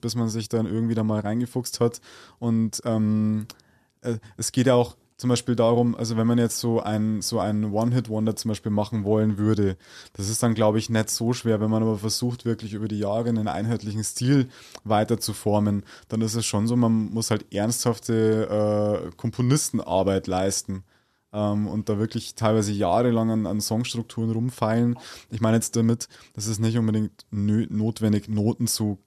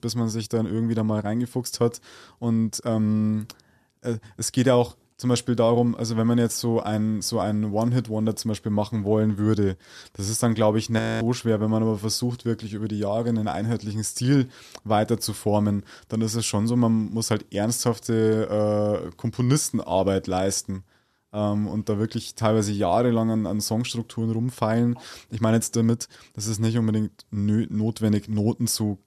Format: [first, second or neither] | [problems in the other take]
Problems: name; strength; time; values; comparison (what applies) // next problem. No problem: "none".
first | audio freezing; at 11 s